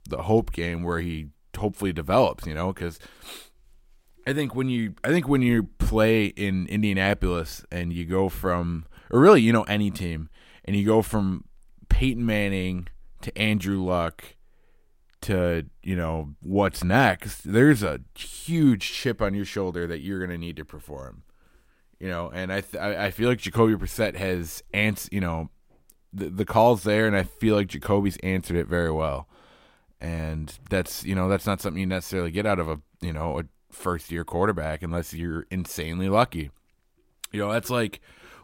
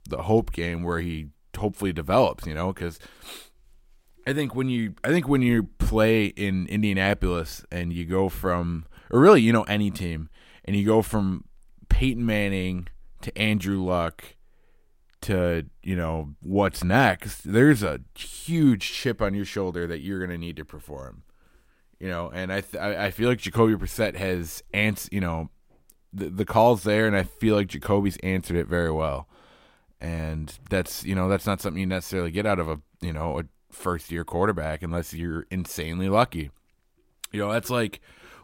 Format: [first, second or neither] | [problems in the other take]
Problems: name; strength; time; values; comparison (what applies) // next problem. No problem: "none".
neither | none